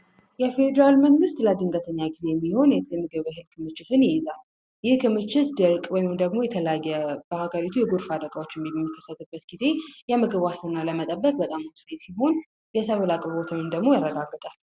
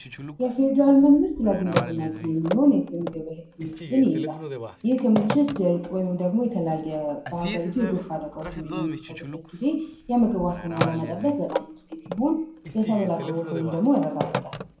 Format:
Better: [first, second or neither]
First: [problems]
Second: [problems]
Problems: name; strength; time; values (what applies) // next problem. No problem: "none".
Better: first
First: none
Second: background sound (Telephone); 10 dB below the speech // room echo; dies away in 0.4 s